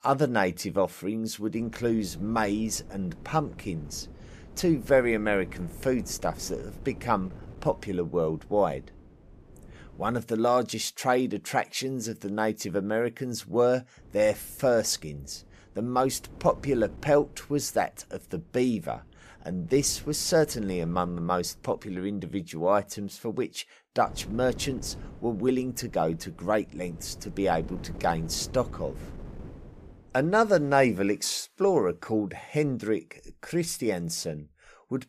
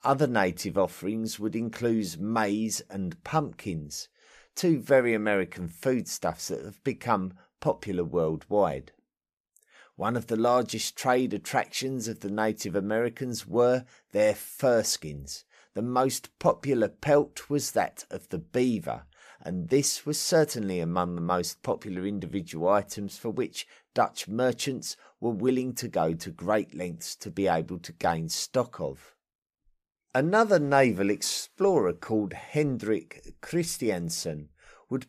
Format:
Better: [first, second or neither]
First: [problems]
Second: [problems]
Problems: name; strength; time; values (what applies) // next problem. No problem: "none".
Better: second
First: wind noise on the microphone; occasional gusts; from 1.5 to 10 s, from 14 to 22 s and from 24 to 31 s; 25 dB below the speech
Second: none